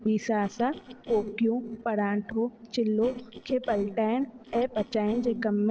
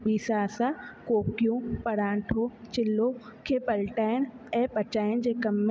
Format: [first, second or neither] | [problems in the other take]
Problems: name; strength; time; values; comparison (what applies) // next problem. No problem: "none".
second | noise reduction (neural separator model SepFormer DNS4)